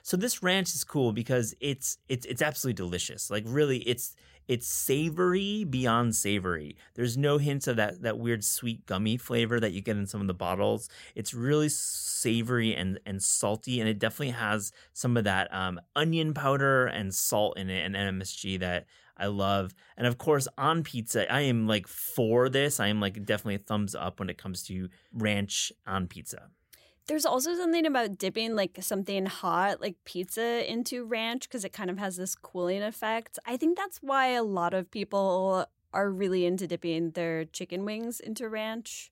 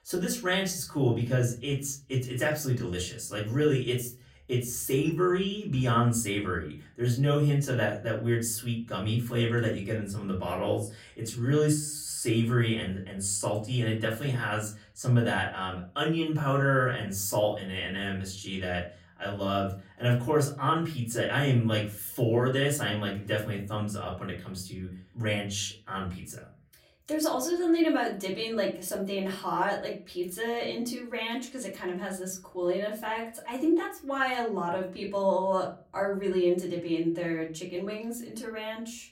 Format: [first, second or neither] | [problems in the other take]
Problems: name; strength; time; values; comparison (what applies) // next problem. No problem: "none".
first | off-mic speech; far // room echo; very slight; dies away in 0.3 s